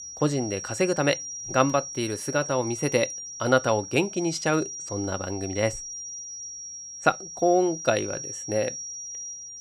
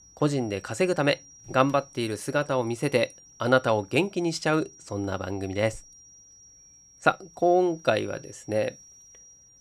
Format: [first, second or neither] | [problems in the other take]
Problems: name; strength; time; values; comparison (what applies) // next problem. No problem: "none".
second | high-pitched whine; loud; throughout; 5.5 kHz, 8 dB below the speech; faint in the second